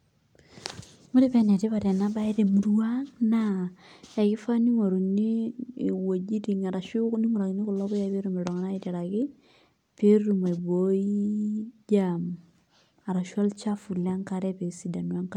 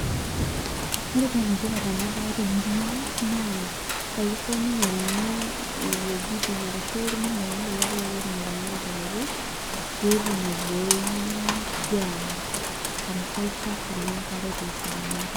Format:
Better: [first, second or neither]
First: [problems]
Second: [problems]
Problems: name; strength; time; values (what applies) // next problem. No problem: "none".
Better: first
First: none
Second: background sound (Rain); as loud as the speech